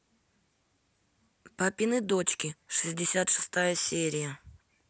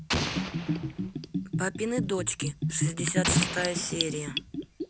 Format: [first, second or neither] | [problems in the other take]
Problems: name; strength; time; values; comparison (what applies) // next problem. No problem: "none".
first | background sound (Explosion + Bathtub (filling or washing) / Gurgling); 2 dB above the speech